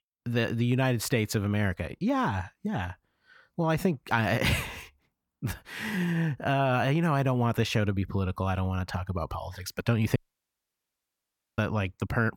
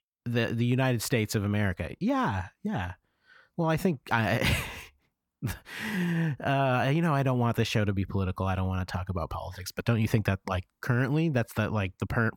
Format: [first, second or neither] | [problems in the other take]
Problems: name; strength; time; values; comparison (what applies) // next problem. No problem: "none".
second | audio cutting out; at 10 s for 1.5 s